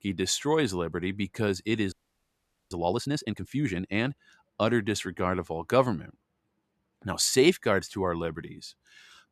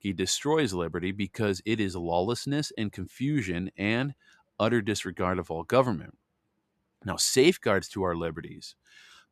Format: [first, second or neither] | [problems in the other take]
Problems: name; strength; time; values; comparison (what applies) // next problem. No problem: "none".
second | audio freezing; at 2 s for 1 s